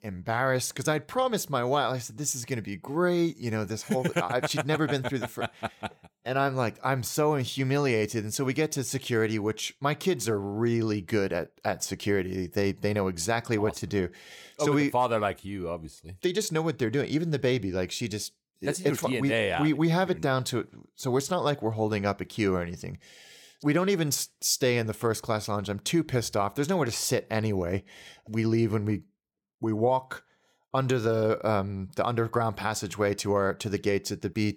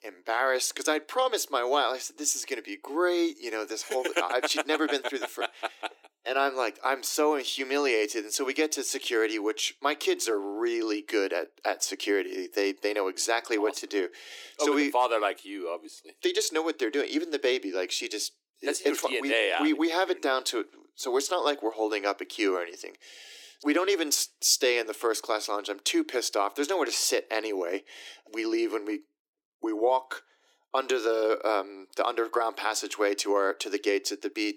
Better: first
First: none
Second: thin; somewhat; fading below 300 Hz

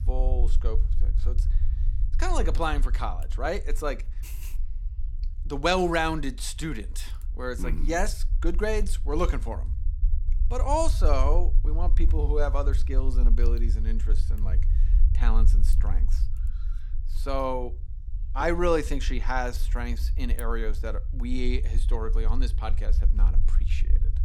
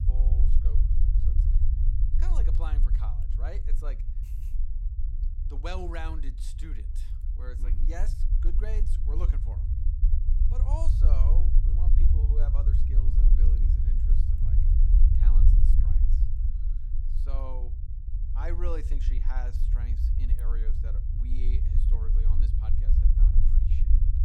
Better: first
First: low rumble; faint; throughout; 20 dB below the speech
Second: low rumble; loud; throughout; 3 dB below the speech

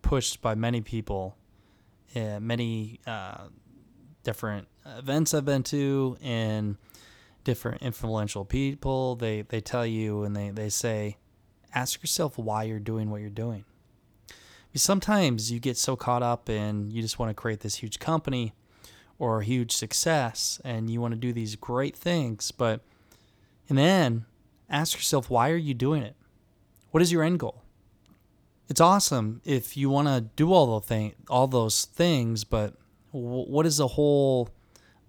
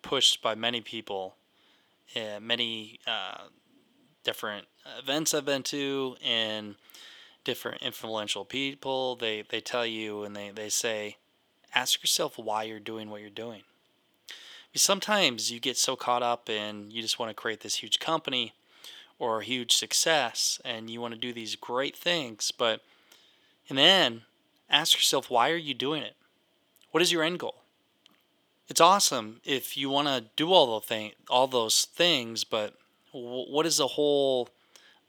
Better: first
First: none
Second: thin; somewhat; fading below 350 Hz

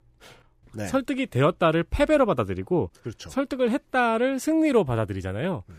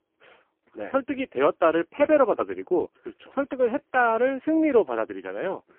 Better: first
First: none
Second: phone-call audio; poor line; nothing above 3 kHz

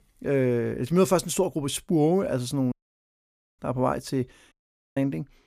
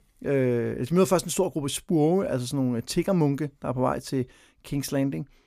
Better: second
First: audio cutting out; at 2.5 s for 1 s and at 4.5 s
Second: none

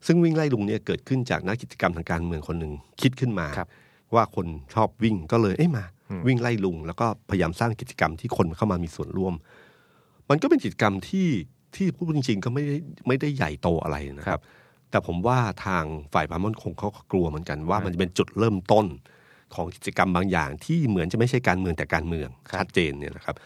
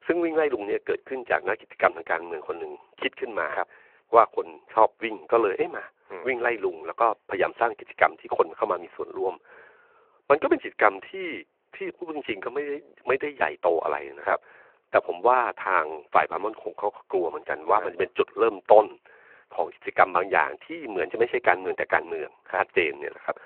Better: first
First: none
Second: phone-call audio

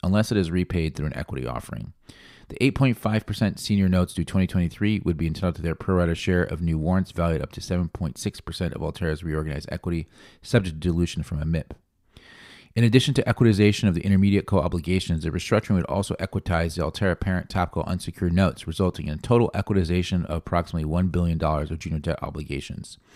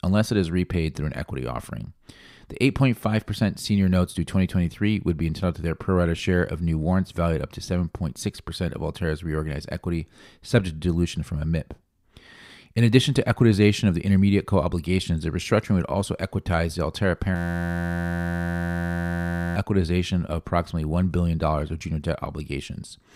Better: first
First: none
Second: audio freezing; at 17 s for 2 s

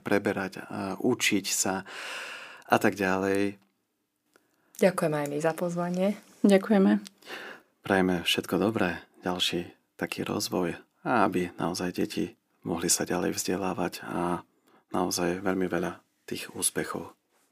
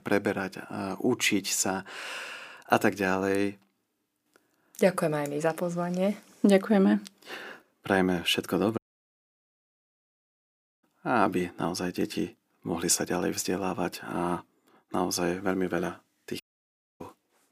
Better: first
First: none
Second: audio cutting out; at 9 s for 2 s and at 16 s for 0.5 s

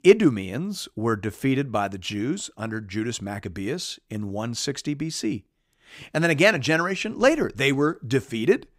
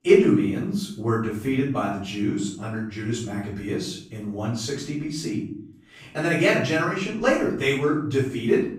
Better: first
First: none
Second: off-mic speech; far // room echo; noticeable; dies away in 0.5 s

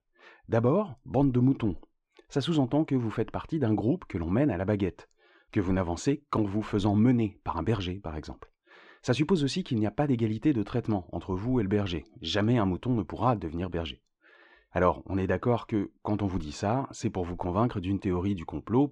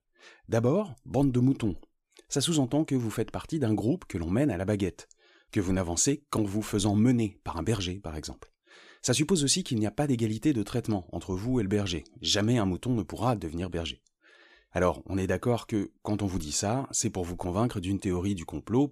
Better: second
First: muffled; slightly; fading above 3 kHz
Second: none

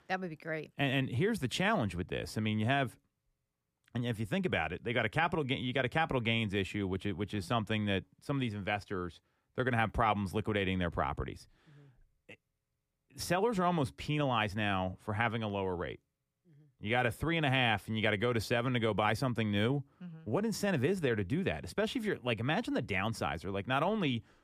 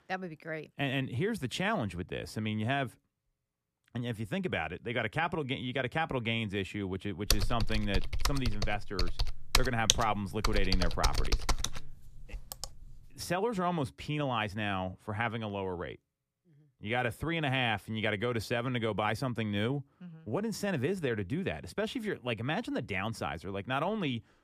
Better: first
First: none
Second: keyboard typing; loud; from 7.5 to 13 s; peak 7 dB above the speech

